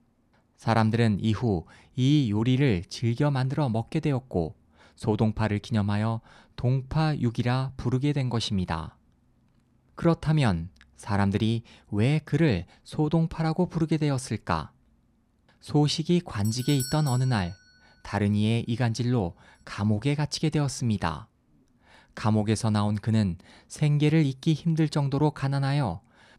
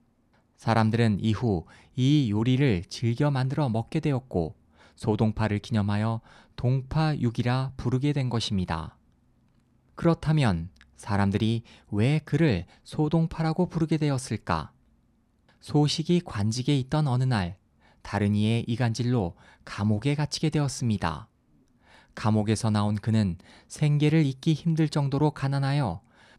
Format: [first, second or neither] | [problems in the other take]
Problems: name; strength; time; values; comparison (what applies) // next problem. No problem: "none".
second | doorbell; noticeable; at 16 s; peak 8 dB below the speech